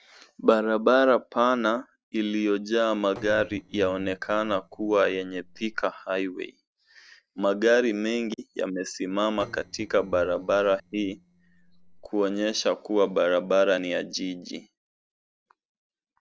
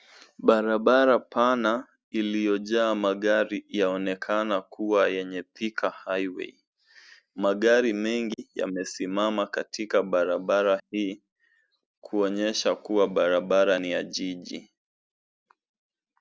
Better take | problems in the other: second | noise reduction (neural separator model SepFormer DNS4)

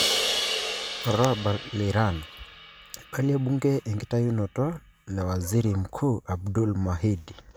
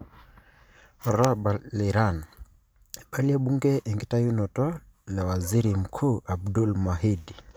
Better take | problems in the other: second | background sound (Crash cymbal); 8 dB below the speech

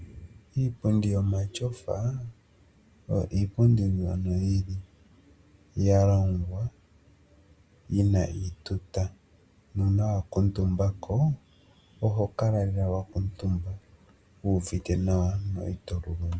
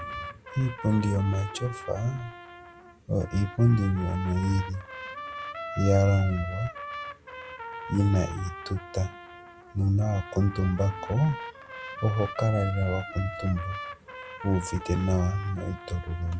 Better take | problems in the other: first | background sound (Trumpet); 12 dB below the speech

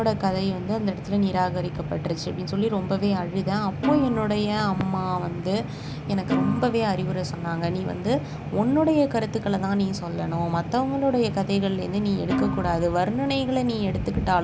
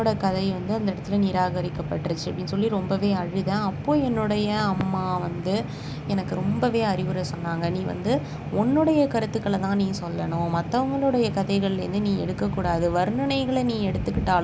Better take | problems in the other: second | background sound (Snare drum); 8 dB below the speech

